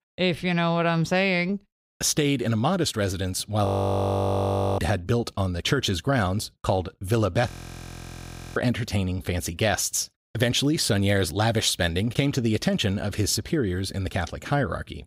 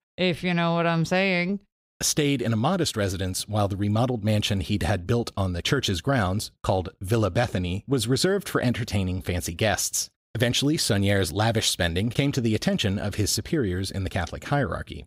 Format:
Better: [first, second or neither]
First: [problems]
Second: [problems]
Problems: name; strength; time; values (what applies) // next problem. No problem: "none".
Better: second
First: audio freezing; at 3.5 s for 1 s and at 7.5 s for 1 s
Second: none